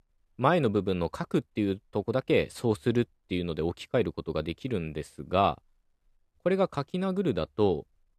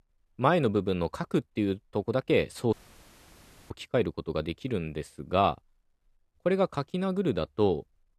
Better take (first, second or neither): first